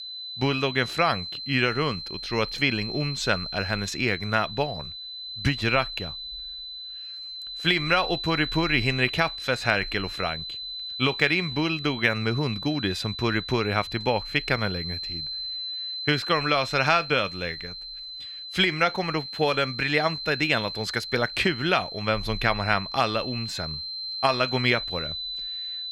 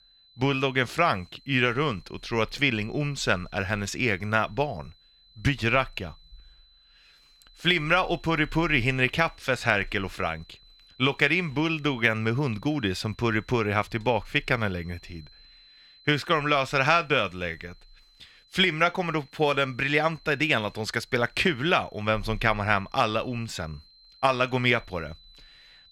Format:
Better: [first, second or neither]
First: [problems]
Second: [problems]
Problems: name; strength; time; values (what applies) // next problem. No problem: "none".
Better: second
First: high-pitched whine; loud; throughout; 4 kHz, 7 dB below the speech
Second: high-pitched whine; faint; throughout; 4 kHz, 30 dB below the speech